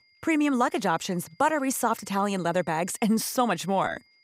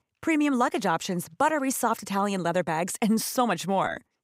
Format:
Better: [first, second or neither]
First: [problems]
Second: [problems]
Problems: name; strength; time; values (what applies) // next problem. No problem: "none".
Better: second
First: high-pitched whine; faint; throughout; 2 kHz, 35 dB below the speech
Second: none